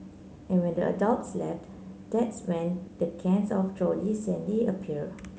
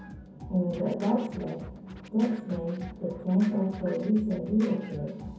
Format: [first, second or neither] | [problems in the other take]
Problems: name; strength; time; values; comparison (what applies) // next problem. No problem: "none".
first | background sound (Scratching (performance technique)); 17 dB below the speech // room echo; dies away in 0.6 s